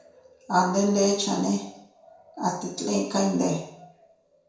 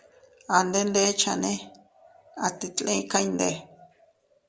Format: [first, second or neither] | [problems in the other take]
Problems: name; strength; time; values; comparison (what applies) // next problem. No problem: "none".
second | room echo; dies away in 0.6 s